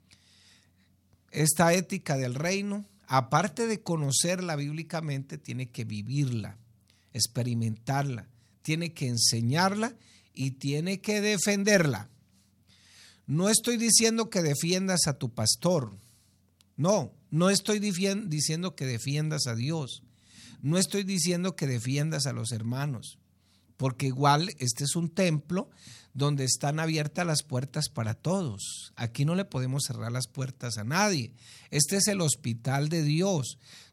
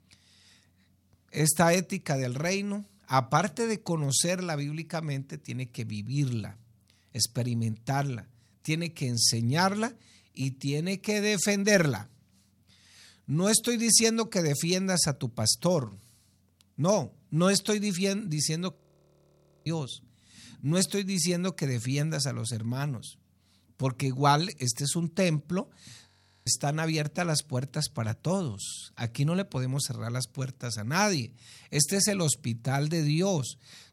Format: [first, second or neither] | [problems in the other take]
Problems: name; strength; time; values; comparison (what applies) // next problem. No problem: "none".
first | audio freezing; at 19 s for 1 s and at 26 s